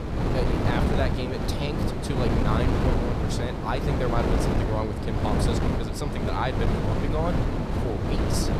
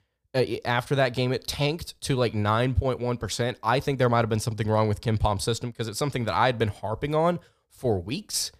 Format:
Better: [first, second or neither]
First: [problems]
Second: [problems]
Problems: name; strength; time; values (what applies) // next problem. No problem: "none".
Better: second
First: wind noise on the microphone; heavy; 1 dB above the speech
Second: none